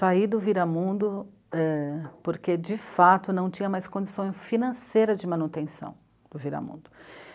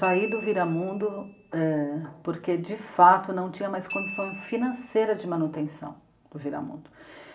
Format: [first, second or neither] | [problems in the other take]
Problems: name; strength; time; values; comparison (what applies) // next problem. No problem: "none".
first | background sound (Glockenspiel); 15 dB below the speech // room echo; dies away in 0.5 s